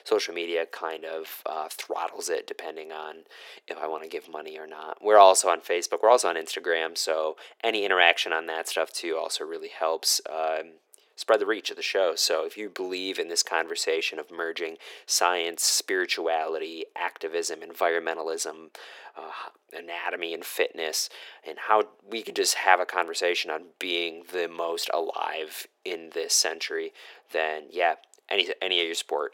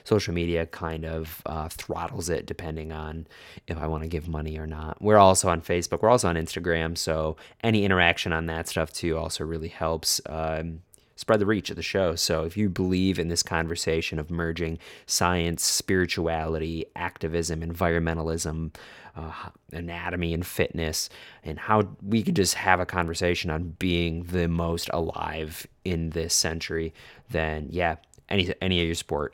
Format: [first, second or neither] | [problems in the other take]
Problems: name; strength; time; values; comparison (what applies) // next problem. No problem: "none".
second | thin; very; fading below 350 Hz